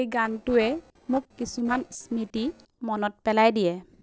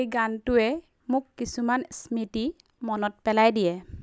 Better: second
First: noise reduction (neural separator model SepFormer DNS4)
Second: none

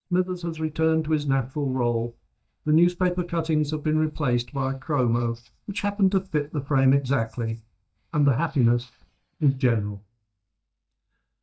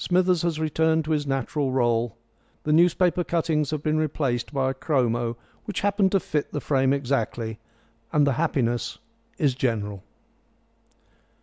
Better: second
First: noise reduction (neural mask model DeepFilterNet 3)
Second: none

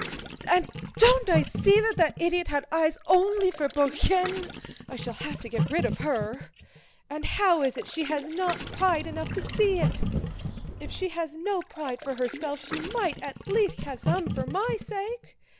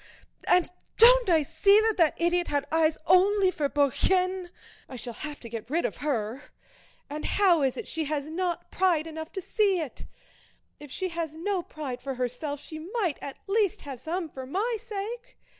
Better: second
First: background sound (Trickle, dribble / Chirp, tweet + Gurgling); 7 dB below the speech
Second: none

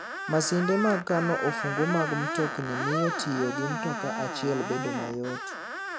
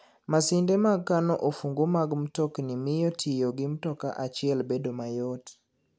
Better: second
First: background sound (Screech); 4 dB below the speech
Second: none

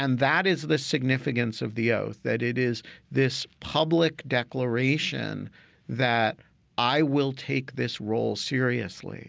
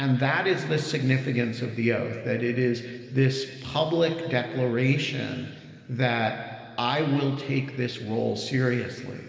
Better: first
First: none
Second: room echo; dies away in 2.1 s

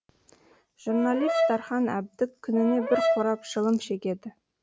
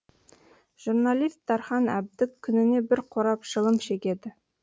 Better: second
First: background sound (Brass instrument); 2 dB below the speech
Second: none

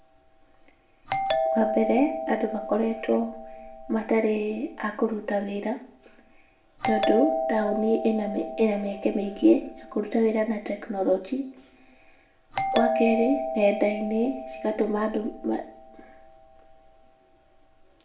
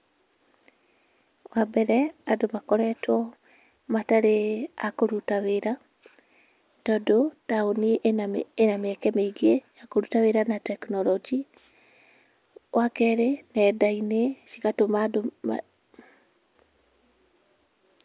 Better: second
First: background sound (Doorbell); 6 dB below the speech // room echo; dies away in 0.5 s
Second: none

